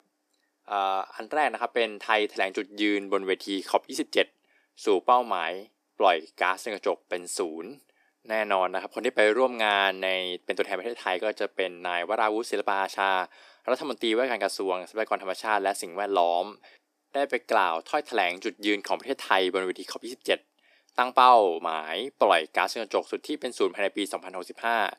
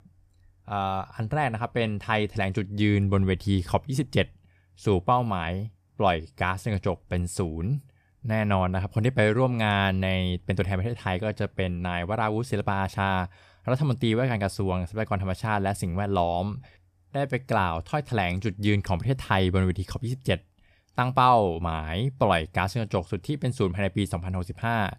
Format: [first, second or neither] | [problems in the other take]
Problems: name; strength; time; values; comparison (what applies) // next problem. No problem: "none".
second | thin; very; fading below 300 Hz